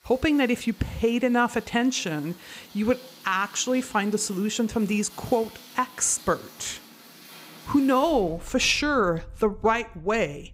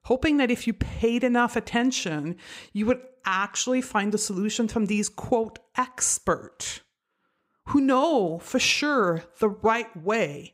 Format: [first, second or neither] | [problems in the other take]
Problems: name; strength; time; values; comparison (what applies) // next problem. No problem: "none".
second | rain or running water; faint; throughout; 20 dB below the speech